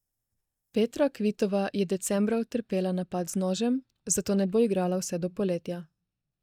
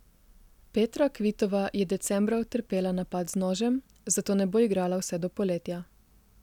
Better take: second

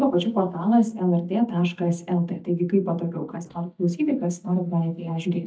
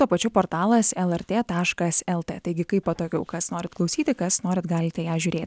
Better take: second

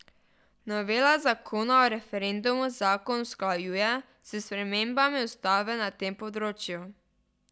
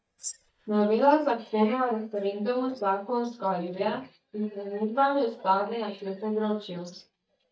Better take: first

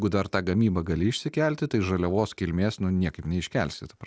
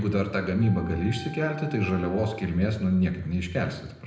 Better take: first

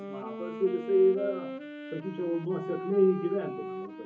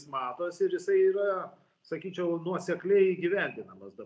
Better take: second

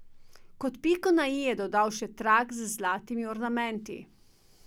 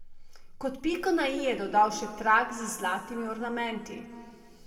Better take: first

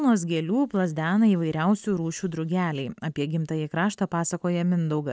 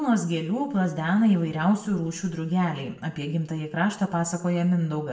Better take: first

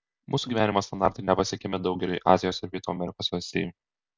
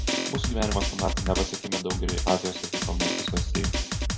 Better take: first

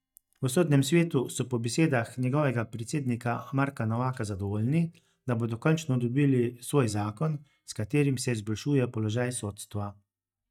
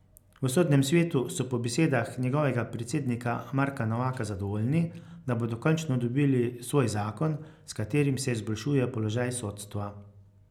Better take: second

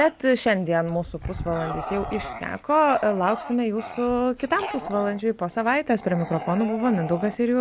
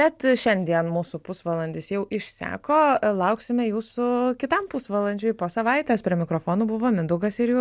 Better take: second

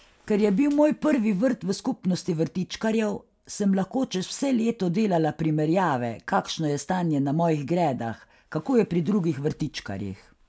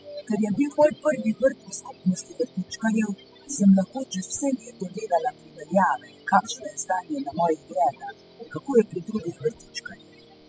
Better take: first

